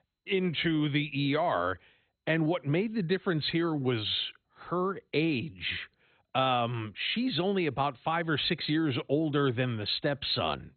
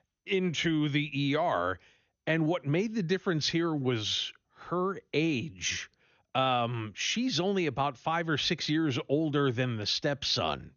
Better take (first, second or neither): second